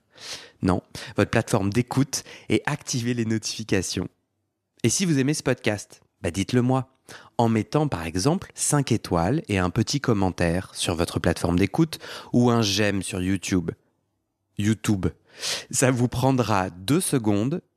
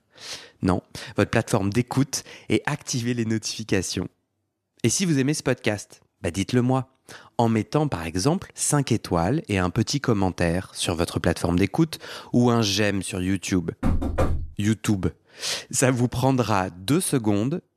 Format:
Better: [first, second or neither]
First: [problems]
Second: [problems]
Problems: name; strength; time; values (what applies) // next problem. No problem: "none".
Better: first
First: none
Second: door banging; noticeable; at 14 s; peak 1 dB below the speech